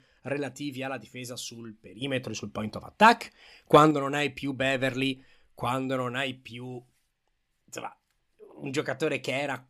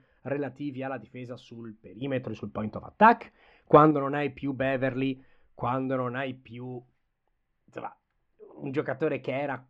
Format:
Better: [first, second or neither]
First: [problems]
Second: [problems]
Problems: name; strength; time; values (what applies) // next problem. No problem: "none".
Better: first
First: none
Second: muffled; very; fading above 1.5 kHz